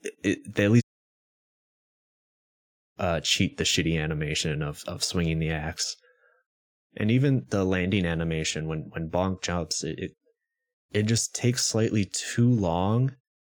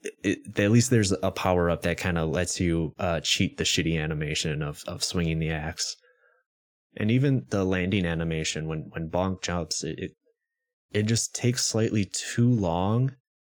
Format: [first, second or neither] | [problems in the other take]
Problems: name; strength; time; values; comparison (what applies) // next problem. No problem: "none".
second | audio cutting out; at 1 s for 2 s